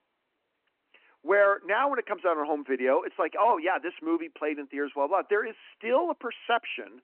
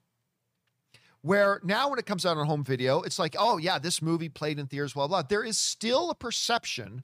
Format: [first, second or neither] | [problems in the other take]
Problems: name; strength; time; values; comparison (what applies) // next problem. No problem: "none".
second | phone-call audio